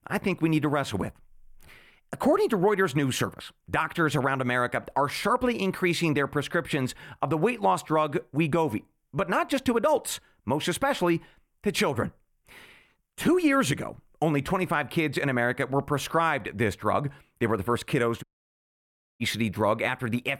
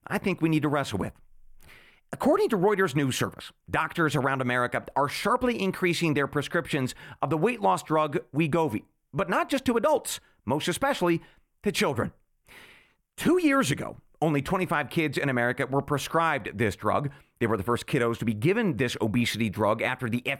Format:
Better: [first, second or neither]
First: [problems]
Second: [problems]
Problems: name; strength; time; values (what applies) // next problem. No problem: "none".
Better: second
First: audio cutting out; at 18 s for 1 s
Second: none